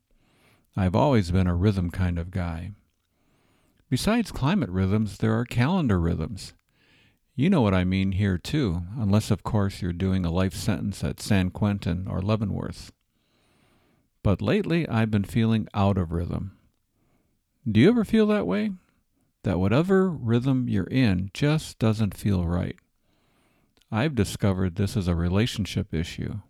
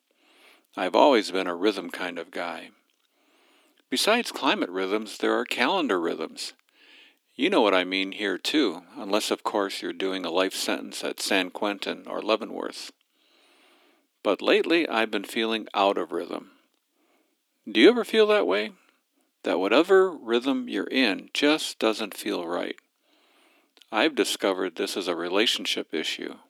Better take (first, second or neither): first